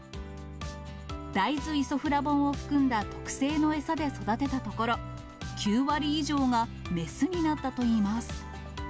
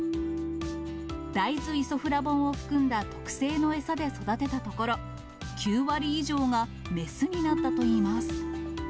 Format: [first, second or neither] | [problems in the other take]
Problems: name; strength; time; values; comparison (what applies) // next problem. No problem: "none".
first | background sound (Keyboard (musical)); 7 dB below the speech